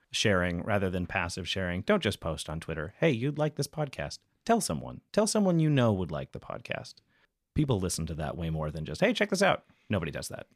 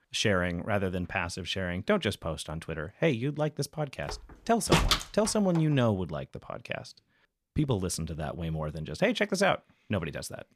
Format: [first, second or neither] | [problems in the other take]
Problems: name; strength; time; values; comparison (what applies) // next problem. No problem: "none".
first | door banging; loud; from 4 to 5.5 s; peak 6 dB above the speech